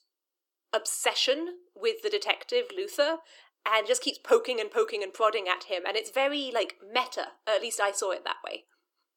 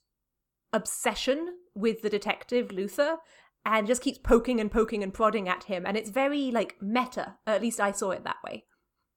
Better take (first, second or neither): second